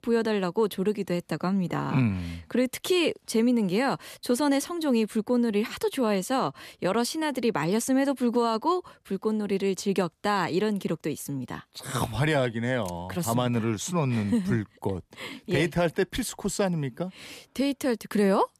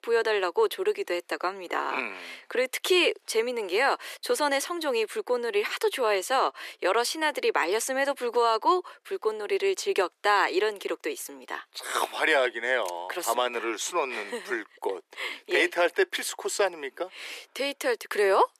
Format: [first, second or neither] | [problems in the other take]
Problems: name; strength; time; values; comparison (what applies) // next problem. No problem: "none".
first | thin; very; fading below 350 Hz